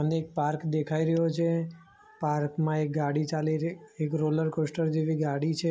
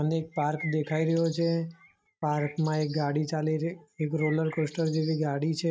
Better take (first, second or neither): first